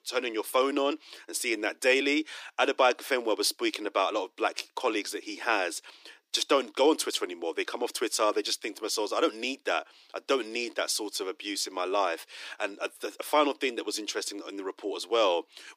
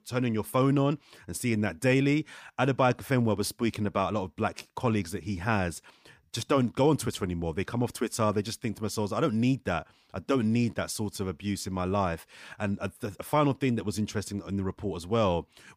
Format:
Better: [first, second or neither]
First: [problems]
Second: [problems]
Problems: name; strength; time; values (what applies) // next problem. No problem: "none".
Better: second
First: thin; somewhat; fading below 300 Hz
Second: none